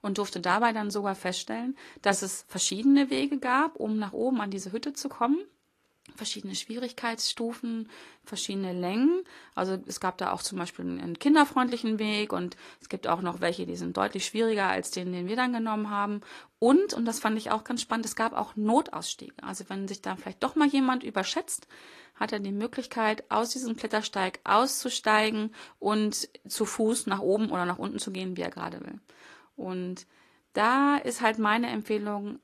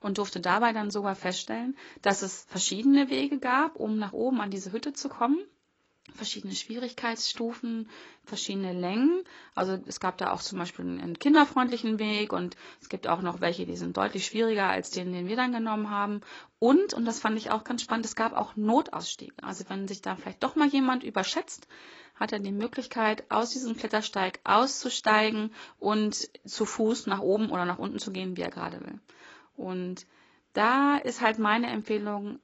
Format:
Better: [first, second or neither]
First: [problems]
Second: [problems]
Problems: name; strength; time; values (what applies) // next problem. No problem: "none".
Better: first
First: garbled, watery; slightly; nothing above 13.5 kHz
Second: garbled, watery; badly; nothing above 7.5 kHz